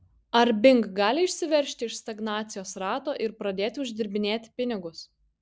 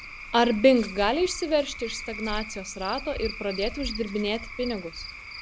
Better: first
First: none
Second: background sound (Cricket / Frog); 11 dB below the speech

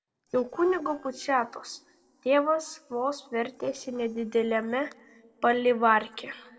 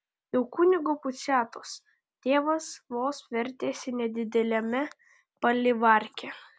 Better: second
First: noise reduction (neural separator model SepFormer DNS4)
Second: none

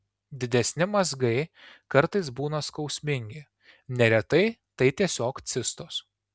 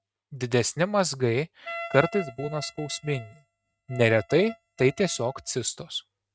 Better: first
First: none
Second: noise reduction (neural mask model RNNoise)

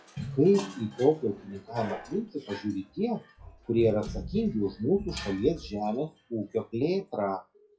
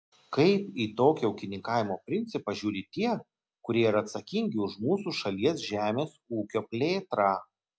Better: second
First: noise reduction (classical method WPE with log-MMSE)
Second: none

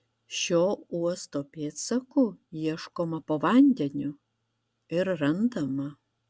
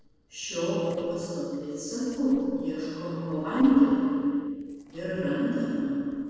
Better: first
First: none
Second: noise reduction (neural separator model SepFormer DNS4)

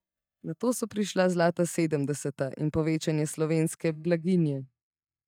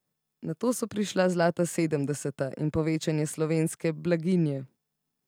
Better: second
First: noise reduction (neural mask model DeepFilterNet 3)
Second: none

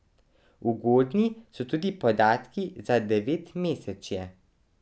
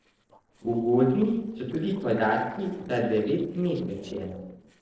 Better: first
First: none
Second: noise reduction (neural separator model SepFormer DNS4)

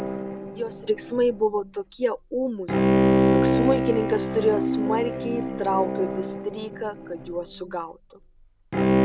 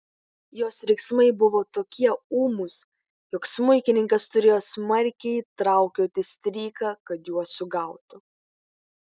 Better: second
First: background sound (Bowed string instrument); 2 dB above the speech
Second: none

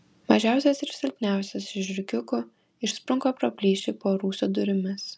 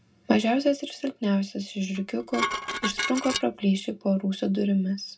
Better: first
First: none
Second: background sound (Dishes, pots, and pans); 5 dB below the speech // room echo; dies away in 0.2 s

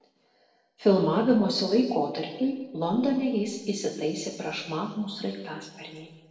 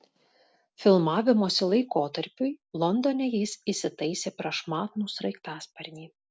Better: second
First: room echo; dies away in 1.1 s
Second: none

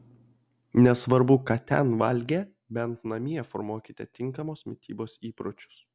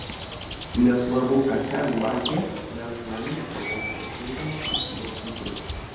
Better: first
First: none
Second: background sound (Bird); 7 dB below the speech // room echo; dies away in 1.1 s

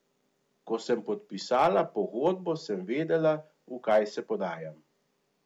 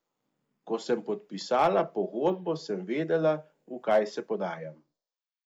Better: first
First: none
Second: noise reduction (neural mask model Resemble Enhance denoiser)

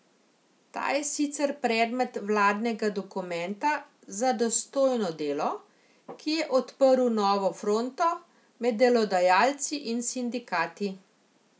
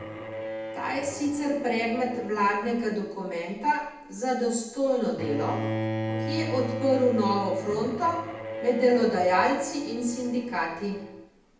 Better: first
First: none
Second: background sound (Bowed string instrument); 8 dB below the speech // room echo; dies away in 0.8 s

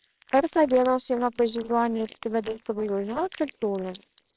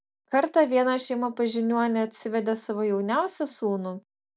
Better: second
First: noise reduction (neural separator model SepFormer WHAMR!)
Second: none

